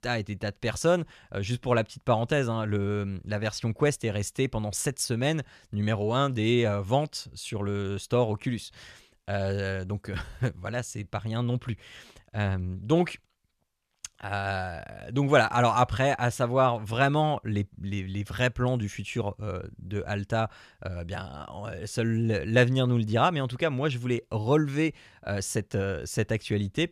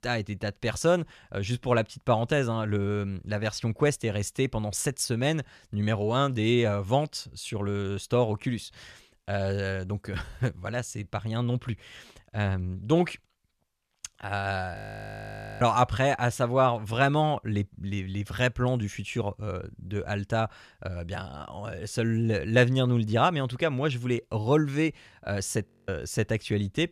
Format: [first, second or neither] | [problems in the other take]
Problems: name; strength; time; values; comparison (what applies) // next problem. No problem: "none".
first | audio freezing; at 15 s for 1 s and at 26 s